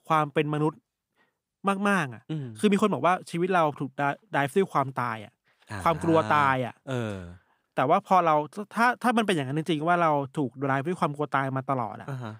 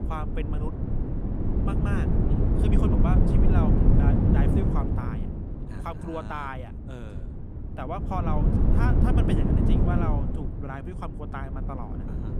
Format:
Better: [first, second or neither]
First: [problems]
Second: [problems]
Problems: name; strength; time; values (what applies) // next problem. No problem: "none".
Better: first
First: none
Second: wind noise on the microphone; heavy; 2 dB above the speech